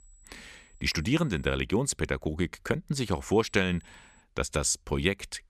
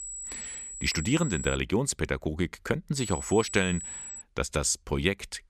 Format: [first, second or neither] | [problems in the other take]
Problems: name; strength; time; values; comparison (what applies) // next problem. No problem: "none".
first | high-pitched whine; loud; until 1.5 s and from 3 to 4 s; 7.5 kHz, 8 dB below the speech; faint in the first